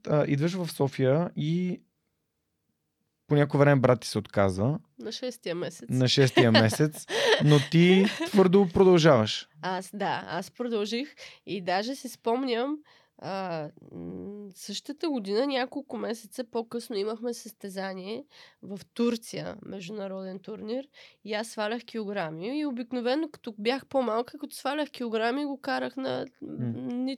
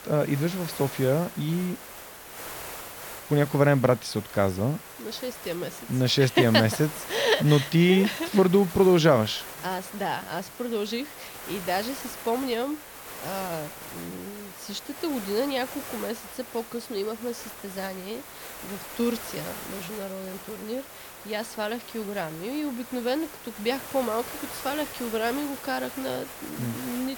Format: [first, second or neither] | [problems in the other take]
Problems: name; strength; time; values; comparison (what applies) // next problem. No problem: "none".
first | hiss; noticeable; throughout; 10 dB below the speech